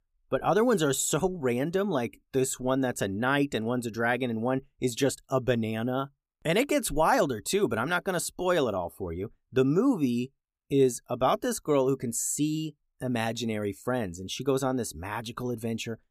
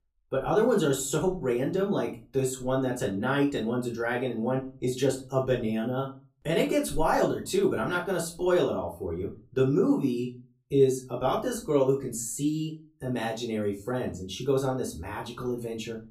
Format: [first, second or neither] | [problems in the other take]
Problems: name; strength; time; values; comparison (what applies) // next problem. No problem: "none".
first | off-mic speech; far // room echo; very slight; dies away in 0.3 s